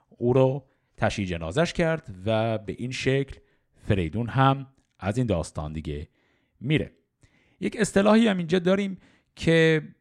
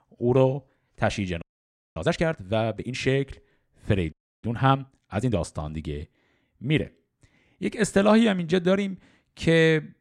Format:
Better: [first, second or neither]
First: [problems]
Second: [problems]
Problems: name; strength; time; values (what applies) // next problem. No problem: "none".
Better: first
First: none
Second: audio freezing; at 1.5 s for 0.5 s and at 4 s